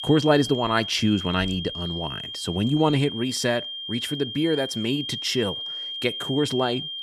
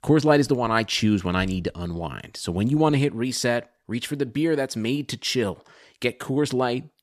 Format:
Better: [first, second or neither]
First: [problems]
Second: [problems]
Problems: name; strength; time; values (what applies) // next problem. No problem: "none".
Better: second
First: high-pitched whine; loud; throughout; 3 kHz, 6 dB below the speech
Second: none